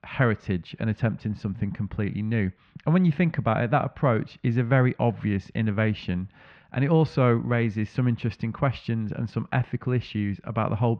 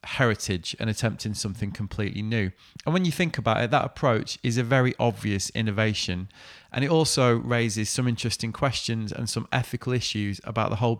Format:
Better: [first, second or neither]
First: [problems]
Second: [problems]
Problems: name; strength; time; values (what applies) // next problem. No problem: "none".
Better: second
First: muffled; very; fading above 2.5 kHz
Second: none